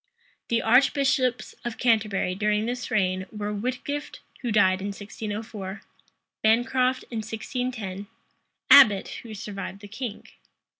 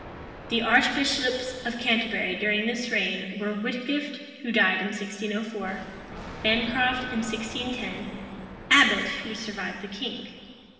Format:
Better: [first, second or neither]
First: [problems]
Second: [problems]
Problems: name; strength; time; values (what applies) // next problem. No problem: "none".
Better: first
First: none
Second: background sound (Thunder); 16 dB below the speech // room echo; dies away in 2.1 s